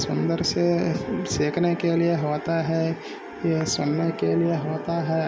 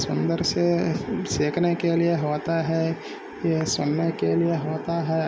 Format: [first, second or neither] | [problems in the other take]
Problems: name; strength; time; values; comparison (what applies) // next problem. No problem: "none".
second | background sound (Wind instrument, woodwind instrument); 18 dB below the speech